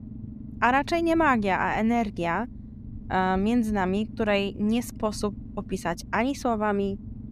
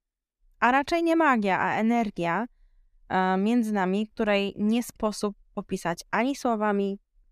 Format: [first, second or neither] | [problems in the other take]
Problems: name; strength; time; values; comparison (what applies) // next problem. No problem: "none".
second | low rumble; faint; throughout; 25 dB below the speech